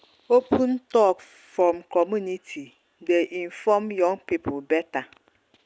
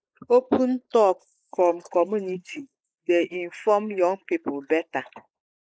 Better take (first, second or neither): first